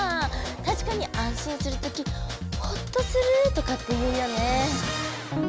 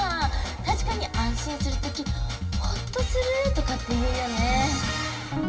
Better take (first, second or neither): first